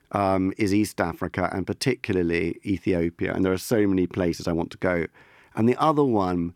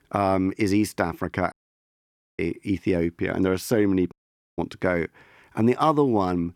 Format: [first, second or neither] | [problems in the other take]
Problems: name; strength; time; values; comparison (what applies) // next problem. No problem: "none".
first | audio cutting out; at 1.5 s for 1 s and at 4 s